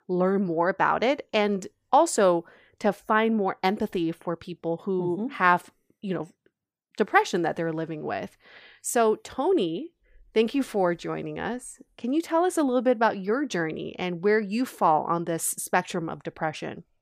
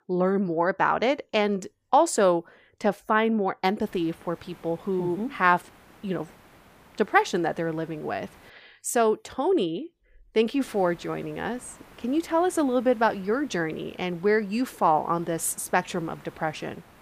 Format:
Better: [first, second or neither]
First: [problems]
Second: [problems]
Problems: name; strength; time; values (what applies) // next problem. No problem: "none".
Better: first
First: none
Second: hiss; faint; from 4 to 8.5 s and from 11 s on; 25 dB below the speech